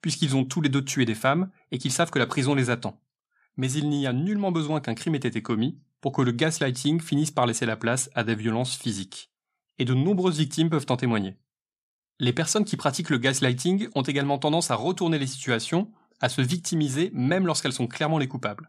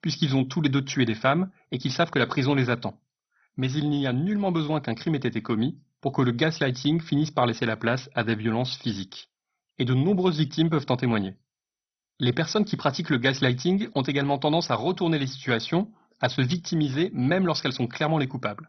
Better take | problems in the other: first | garbled, watery; badly; nothing above 6 kHz

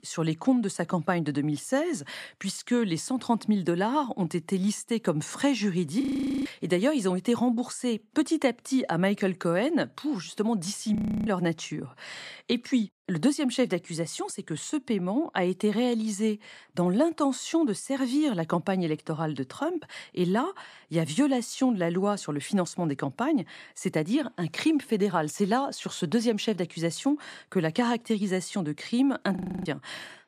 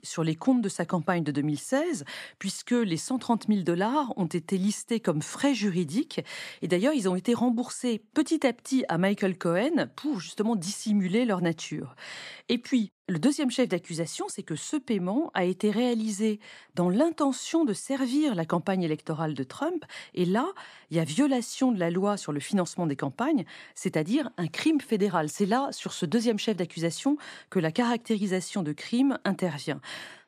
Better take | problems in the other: second | audio freezing; at 6 s, at 11 s and at 29 s

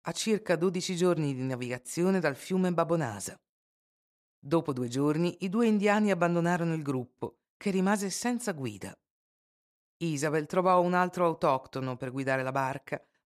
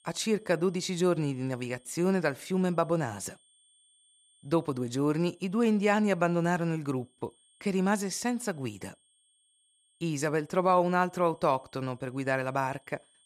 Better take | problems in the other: first | high-pitched whine; faint; throughout; 8.5 kHz, 35 dB below the speech

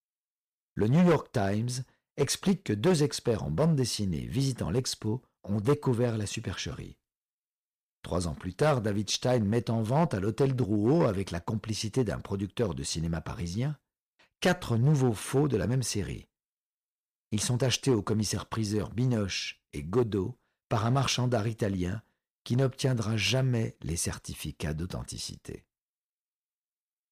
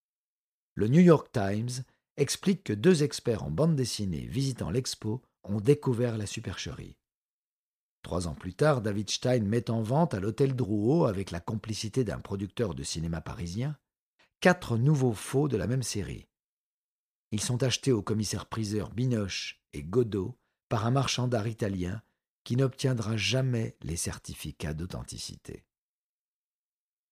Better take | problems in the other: second | distortion; slight; 3% of the sound clipped

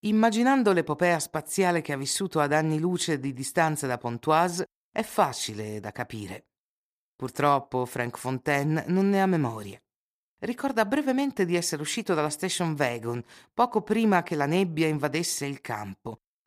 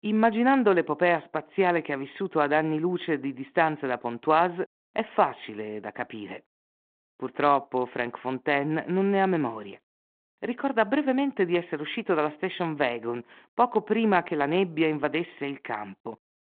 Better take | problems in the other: first | phone-call audio

